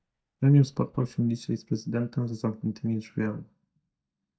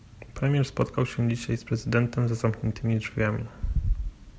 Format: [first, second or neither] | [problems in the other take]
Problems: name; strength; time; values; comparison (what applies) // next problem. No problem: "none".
second | noise reduction (neural mask model DeepFilterNet 3)